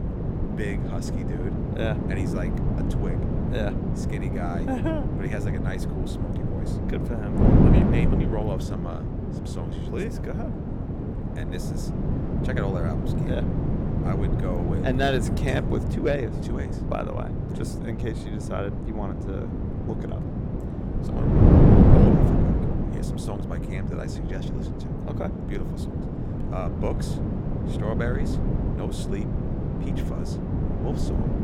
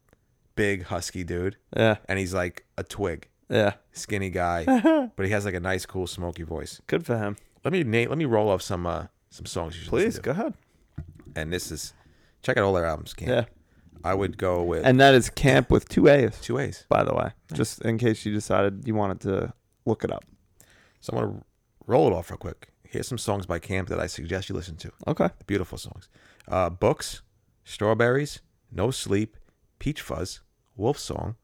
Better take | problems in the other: second | wind noise on the microphone; heavy; 2 dB above the speech

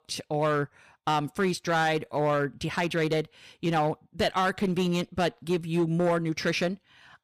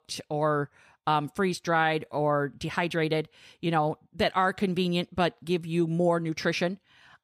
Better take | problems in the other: second | distortion; slight; 6% of the sound clipped

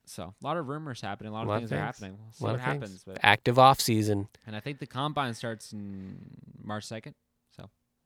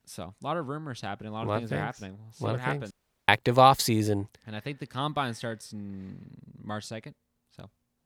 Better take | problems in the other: first | audio cutting out; at 3 s

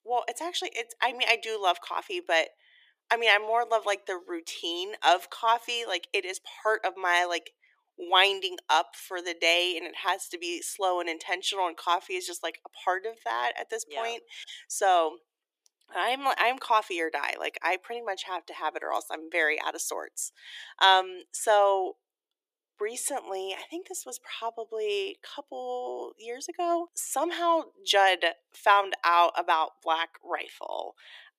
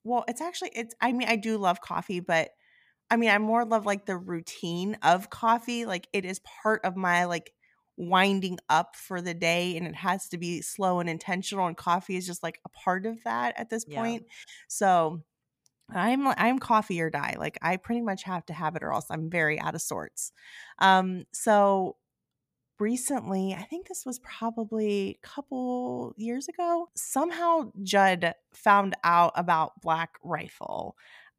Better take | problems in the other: second | thin; very; fading below 350 Hz

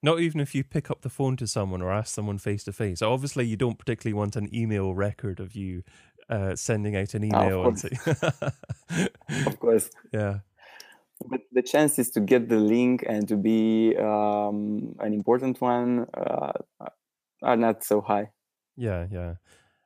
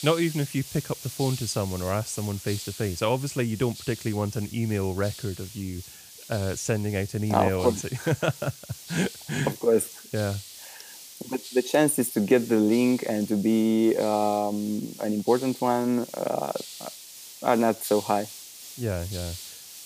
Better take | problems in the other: first | hiss; noticeable; throughout; 15 dB below the speech

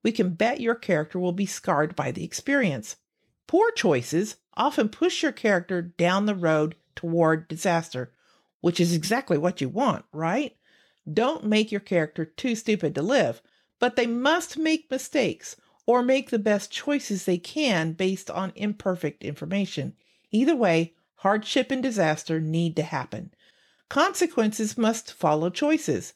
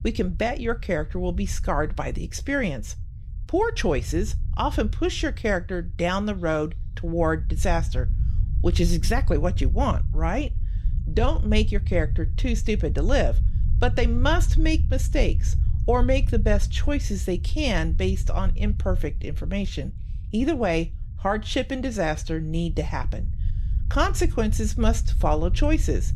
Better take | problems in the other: first | low rumble; noticeable; throughout; 20 dB below the speech

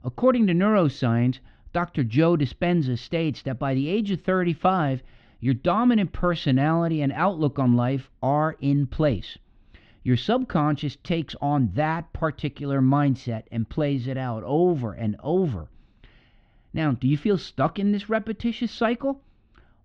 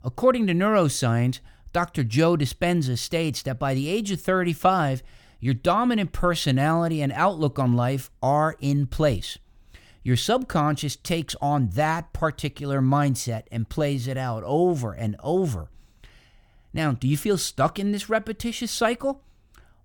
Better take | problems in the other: second | muffled; slightly; fading above 4 kHz

